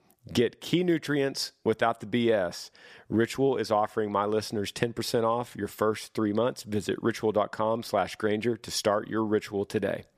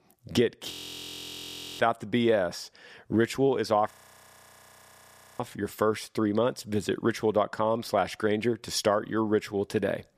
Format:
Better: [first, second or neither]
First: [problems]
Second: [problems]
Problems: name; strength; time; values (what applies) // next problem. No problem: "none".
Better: first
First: none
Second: audio freezing; at 0.5 s for 1 s and at 4 s for 1.5 s